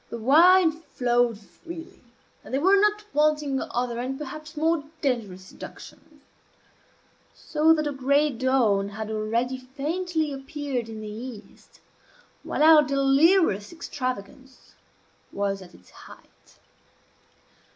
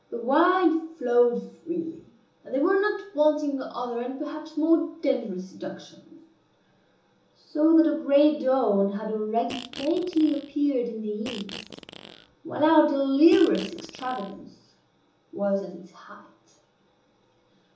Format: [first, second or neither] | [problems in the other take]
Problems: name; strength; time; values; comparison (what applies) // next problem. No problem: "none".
first | background sound (Fart); 15 dB below the speech // room echo; dies away in 1.2 s